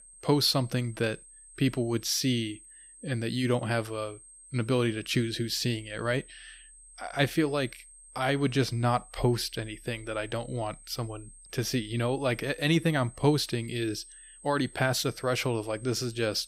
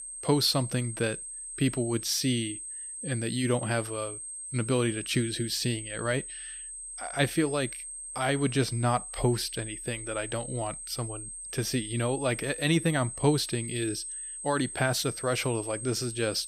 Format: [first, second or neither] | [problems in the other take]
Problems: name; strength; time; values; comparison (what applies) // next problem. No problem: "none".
first | high-pitched whine; loud; throughout; 8.5 kHz, 8 dB below the speech; faint in the first